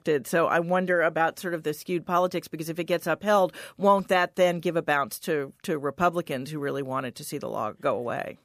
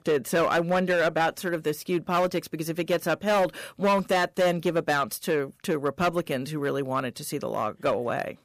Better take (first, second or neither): first